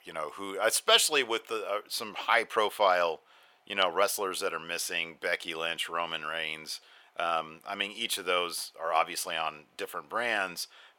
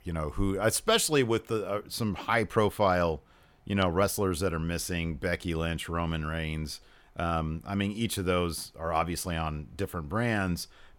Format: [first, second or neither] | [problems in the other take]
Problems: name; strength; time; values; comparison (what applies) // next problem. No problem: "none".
second | thin; very; fading below 650 Hz